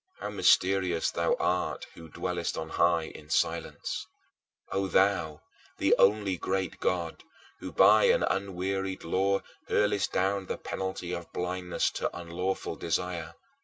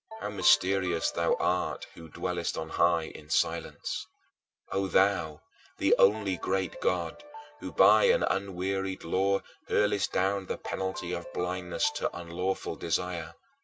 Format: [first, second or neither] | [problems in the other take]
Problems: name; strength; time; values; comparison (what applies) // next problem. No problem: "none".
first | background sound (Ringtone); 16 dB below the speech